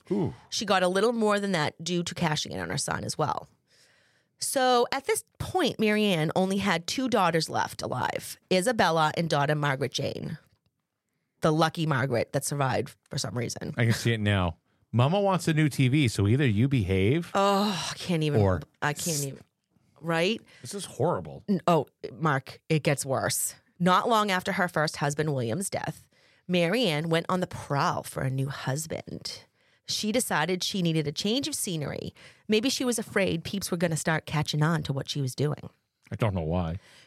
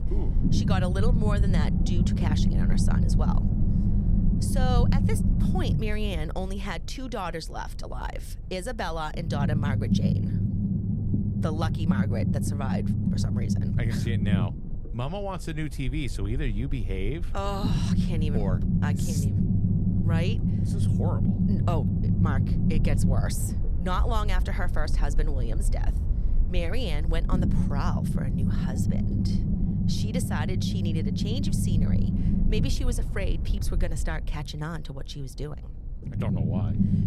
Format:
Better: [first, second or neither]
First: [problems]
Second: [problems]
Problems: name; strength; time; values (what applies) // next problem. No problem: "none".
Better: first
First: none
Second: low rumble; loud; throughout; 1 dB below the speech